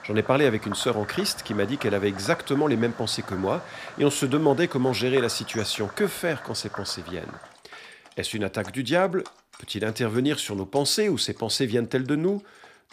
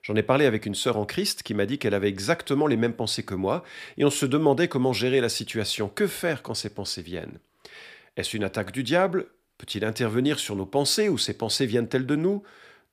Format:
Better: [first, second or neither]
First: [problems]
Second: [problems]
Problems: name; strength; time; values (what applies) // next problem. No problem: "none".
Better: second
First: animal sounds; noticeable; throughout; 15 dB below the speech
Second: none